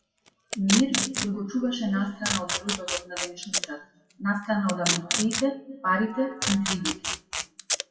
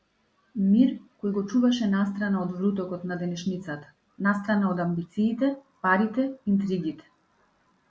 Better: second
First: noise reduction (classical method WPE with log-MMSE)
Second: none

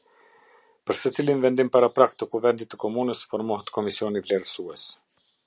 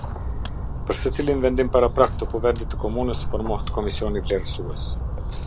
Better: first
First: none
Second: background sound (Splash, splatter); 2 dB below the speech

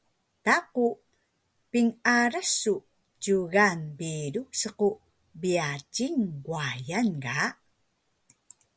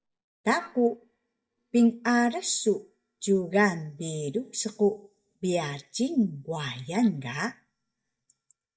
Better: first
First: none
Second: noise reduction (neural mask model DeepFilterNet 3)

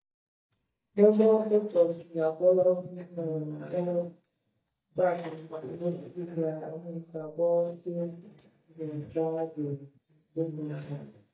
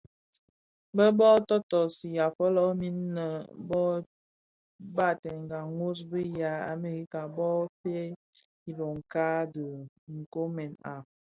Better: second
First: noise reduction (neural mask model DeepFilterNet 3)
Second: none

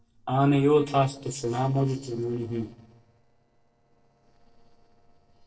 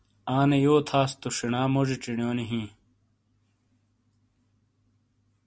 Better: second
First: noise reduction (neural separator model SepFormer DNS4)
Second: none

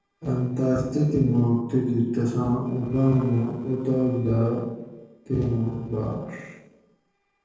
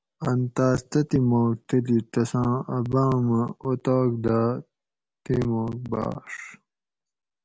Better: second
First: noise reduction (neural separator model SepFormer DNS4)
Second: none

